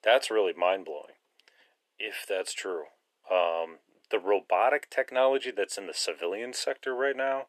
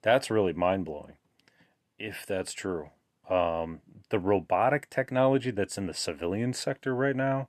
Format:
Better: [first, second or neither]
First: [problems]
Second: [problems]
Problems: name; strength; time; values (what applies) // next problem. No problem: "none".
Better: second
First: thin; very; fading below 400 Hz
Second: none